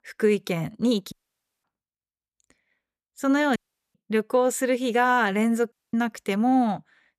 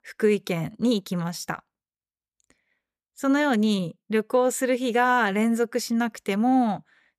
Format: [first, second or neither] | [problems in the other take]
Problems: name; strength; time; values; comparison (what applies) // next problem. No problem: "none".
second | audio cutting out; at 1 s for 0.5 s, at 3.5 s and at 5.5 s